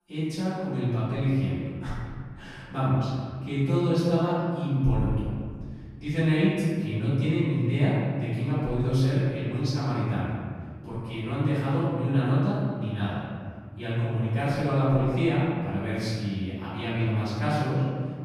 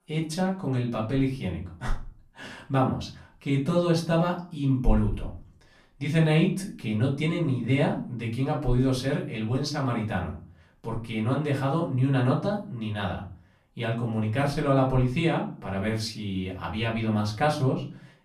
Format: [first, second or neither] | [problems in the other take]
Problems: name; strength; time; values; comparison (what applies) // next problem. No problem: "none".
second | room echo; strong; dies away in 1.9 s; slight in the second // off-mic speech; far; far in the second